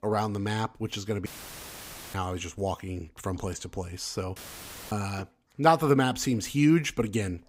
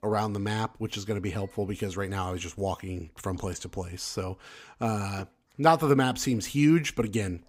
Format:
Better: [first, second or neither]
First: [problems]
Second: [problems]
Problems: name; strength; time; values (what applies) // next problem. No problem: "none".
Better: second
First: audio cutting out; filled with static; at 1.5 s for 1 s and at 4.5 s for 0.5 s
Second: none